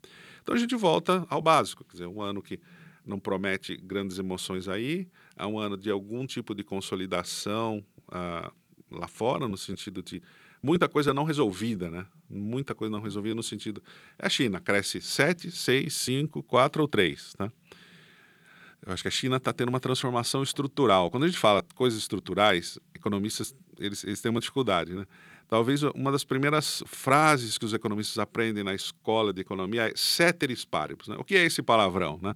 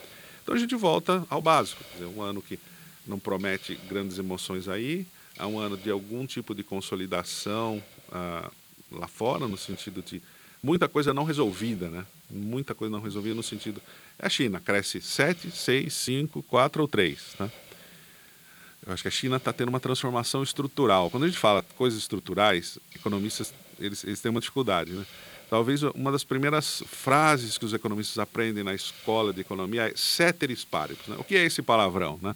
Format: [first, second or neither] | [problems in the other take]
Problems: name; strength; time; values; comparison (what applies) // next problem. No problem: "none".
first | hiss; faint; throughout; 20 dB below the speech